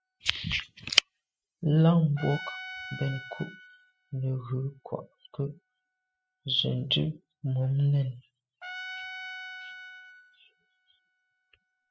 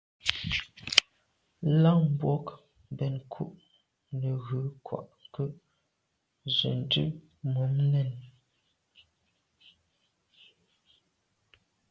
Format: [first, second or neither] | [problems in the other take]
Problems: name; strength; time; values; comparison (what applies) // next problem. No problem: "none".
second | noise reduction (classical method spectral subtraction)